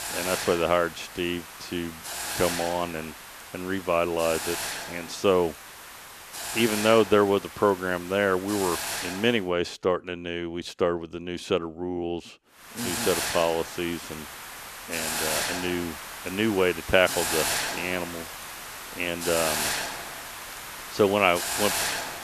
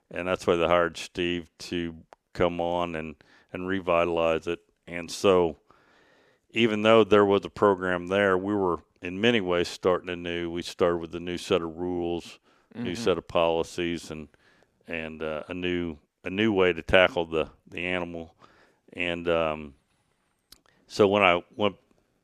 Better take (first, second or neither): second